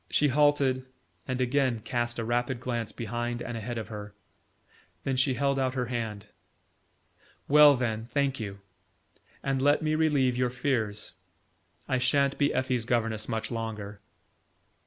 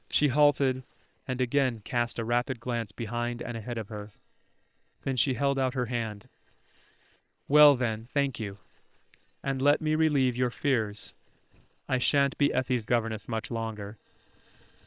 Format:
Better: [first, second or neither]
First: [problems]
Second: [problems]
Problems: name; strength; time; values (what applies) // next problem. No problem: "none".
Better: first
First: none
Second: noise reduction (neural separator model SepFormer WHAM!)